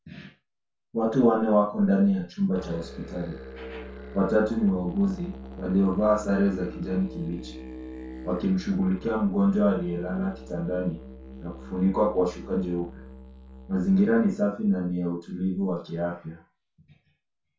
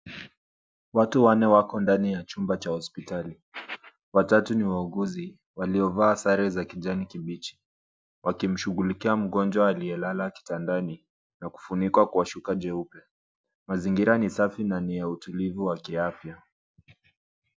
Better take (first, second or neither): second